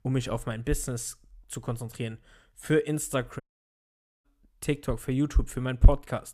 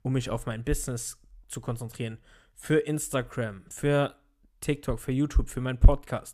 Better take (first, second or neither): second